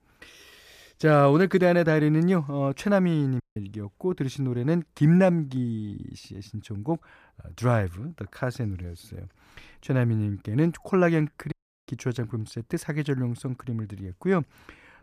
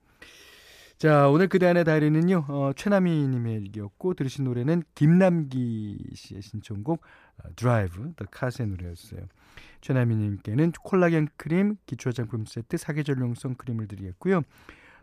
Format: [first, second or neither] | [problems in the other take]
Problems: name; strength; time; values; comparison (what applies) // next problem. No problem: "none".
second | audio cutting out; at 3.5 s and at 12 s